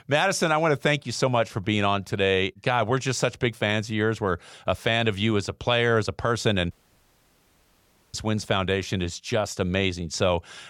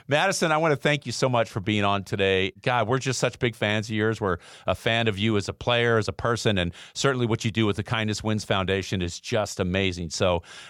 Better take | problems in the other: second | audio cutting out; at 6.5 s for 1.5 s

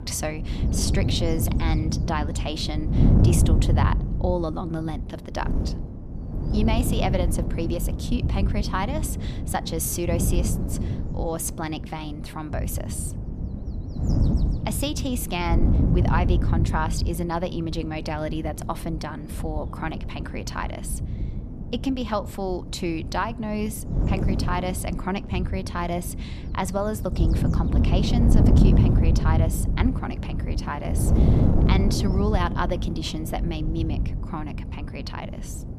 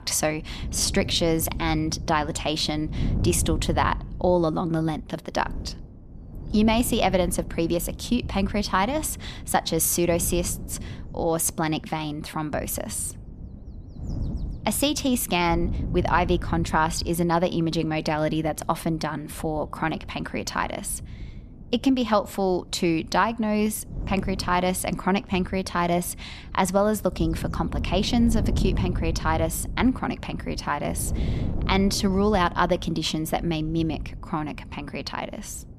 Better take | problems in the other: second | wind noise on the microphone; heavy; 5 dB below the speech; occasional gusts in the second

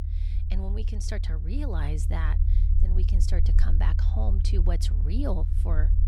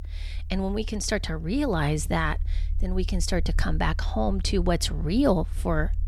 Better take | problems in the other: second | low rumble; loud; throughout; 6 dB below the speech; faint in the second

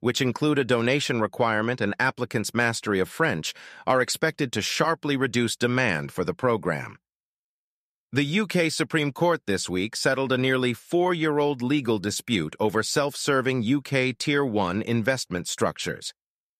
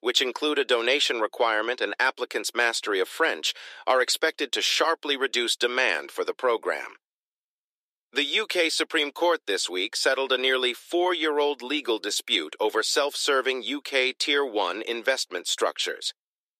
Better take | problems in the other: first | thin; somewhat; fading below 350 Hz

